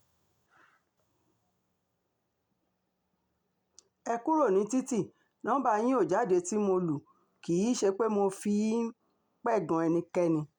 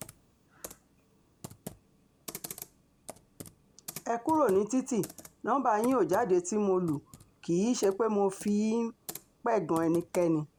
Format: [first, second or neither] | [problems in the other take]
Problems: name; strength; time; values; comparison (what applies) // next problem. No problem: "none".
first | background sound (Computer keyboard); 18 dB below the speech